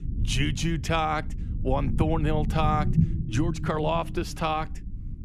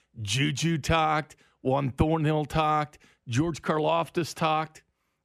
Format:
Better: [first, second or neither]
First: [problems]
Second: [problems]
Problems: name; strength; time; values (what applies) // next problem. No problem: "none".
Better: second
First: low rumble; noticeable; throughout; 15 dB below the speech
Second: none